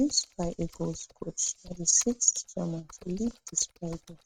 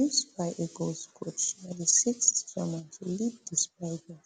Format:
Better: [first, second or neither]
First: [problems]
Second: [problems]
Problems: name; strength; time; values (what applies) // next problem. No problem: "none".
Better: second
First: noise reduction (neural mask model RNNoise)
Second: none